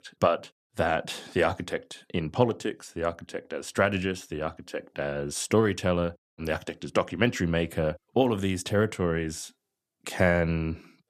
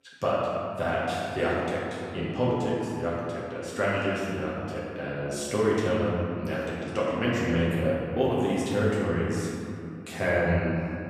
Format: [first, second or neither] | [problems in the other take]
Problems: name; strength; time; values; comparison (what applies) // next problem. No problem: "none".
first | room echo; strong; dies away in 2.6 s // off-mic speech; far